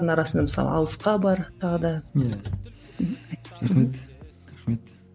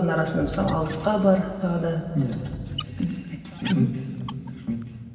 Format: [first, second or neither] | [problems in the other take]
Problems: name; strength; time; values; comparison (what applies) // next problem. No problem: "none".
first | background sound (Squeak); 20 dB below the speech // room echo; dies away in 2.6 s